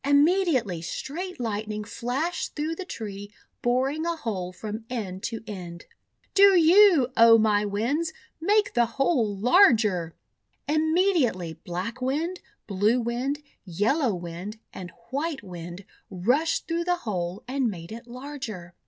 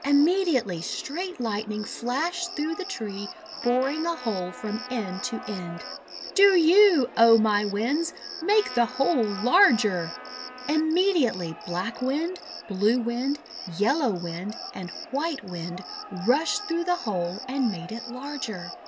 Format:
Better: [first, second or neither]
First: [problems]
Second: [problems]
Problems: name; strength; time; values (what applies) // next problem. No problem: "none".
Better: first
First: none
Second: background sound (Trumpet + Cricket); 13 dB below the speech